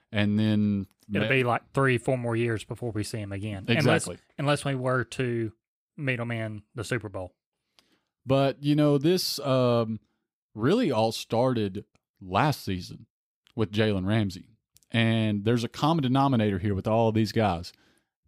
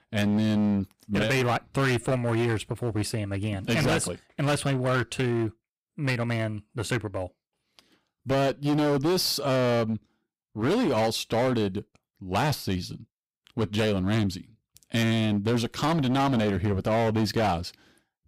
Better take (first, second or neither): first